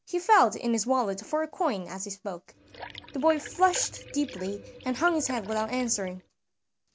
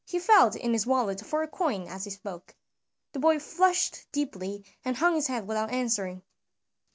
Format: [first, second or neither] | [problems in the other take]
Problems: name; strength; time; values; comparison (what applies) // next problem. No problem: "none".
second | background sound (Liquid); 16 dB below the speech